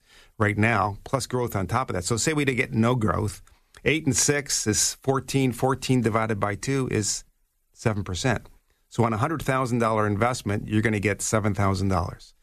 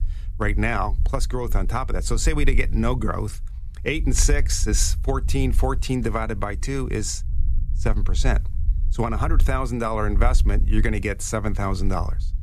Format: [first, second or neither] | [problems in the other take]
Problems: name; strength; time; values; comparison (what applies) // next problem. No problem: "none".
first | low rumble; faint; throughout; 20 dB below the speech